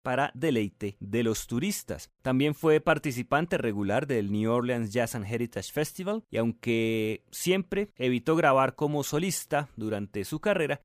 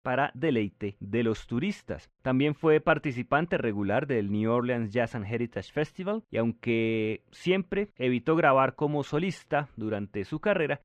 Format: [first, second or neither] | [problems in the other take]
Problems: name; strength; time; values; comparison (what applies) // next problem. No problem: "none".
first | muffled; slightly; fading above 2.5 kHz